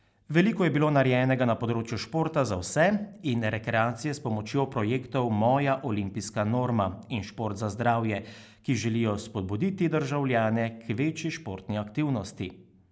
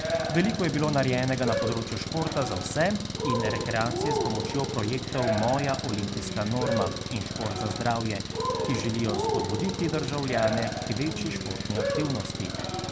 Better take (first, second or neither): first